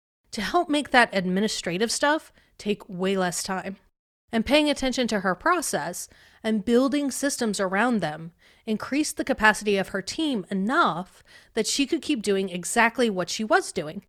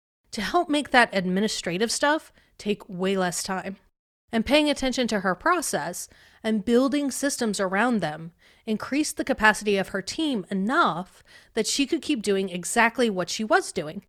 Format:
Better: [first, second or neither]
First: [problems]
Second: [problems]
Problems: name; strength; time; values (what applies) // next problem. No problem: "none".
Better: neither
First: none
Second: none